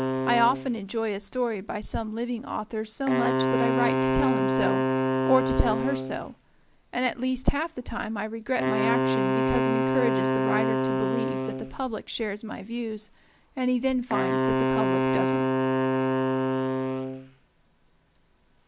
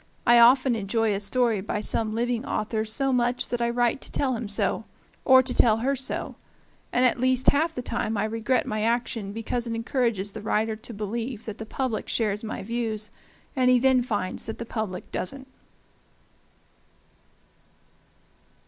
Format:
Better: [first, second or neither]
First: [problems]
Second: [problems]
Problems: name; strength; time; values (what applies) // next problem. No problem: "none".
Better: second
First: background sound (Wind instrument, woodwind instrument); 2 dB above the speech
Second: none